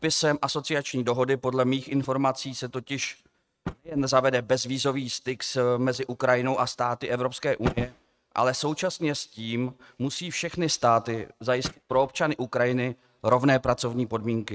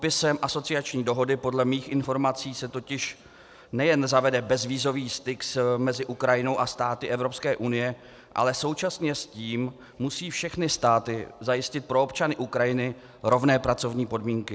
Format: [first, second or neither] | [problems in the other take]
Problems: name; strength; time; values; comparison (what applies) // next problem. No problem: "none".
second | noise reduction (neural mask model RNNoise)